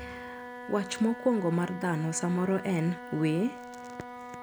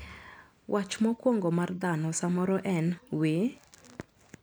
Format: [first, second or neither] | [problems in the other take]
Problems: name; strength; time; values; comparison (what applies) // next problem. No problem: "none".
second | background sound (Wind instrument, woodwind instrument); 12 dB below the speech